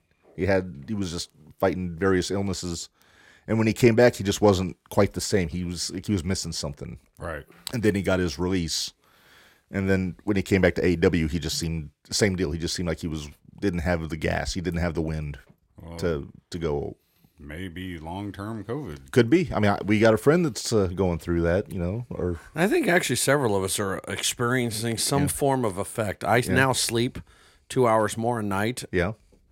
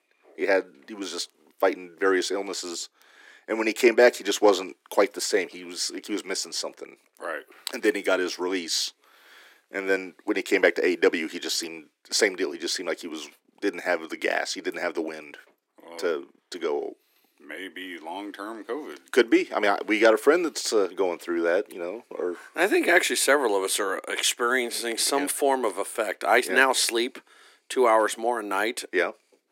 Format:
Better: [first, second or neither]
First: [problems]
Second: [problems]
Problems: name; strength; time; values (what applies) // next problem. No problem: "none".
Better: first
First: none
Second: thin; somewhat; fading below 300 Hz